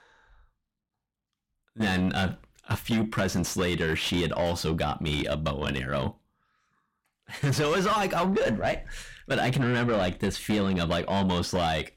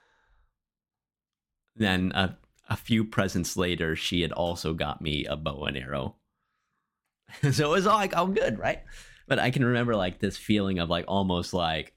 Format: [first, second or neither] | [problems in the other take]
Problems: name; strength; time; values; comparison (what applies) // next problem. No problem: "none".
second | distortion; heavy; 7 dB below the speech